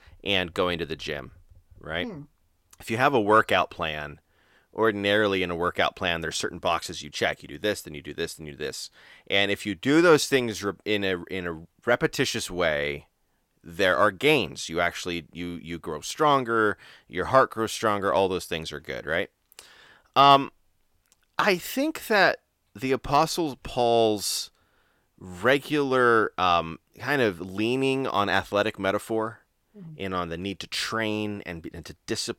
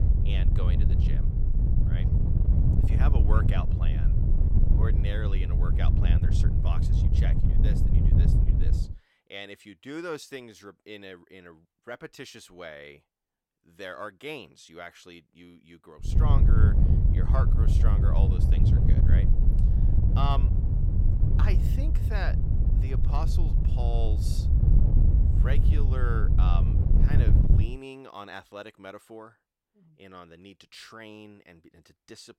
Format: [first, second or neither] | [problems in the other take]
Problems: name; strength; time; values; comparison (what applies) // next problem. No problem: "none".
first | wind noise on the microphone; heavy; until 9 s and from 16 to 28 s; as loud as the speech